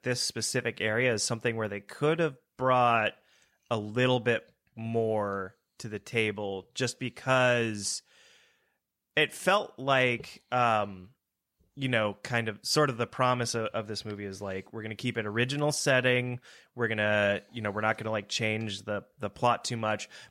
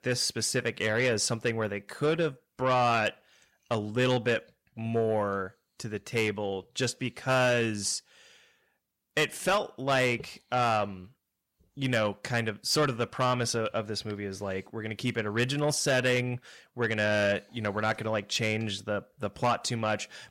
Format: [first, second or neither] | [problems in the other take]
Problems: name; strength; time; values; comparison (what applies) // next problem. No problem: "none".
first | distortion; slight; 10 dB below the speech